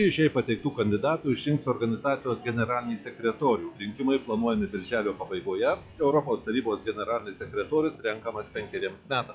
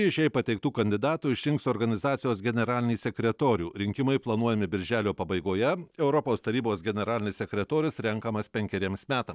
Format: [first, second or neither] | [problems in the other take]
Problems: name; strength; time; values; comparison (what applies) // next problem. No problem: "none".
second | noise reduction (classical method log-MMSE)